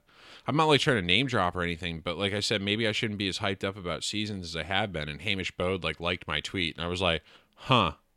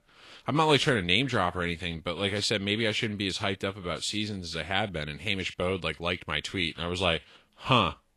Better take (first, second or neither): first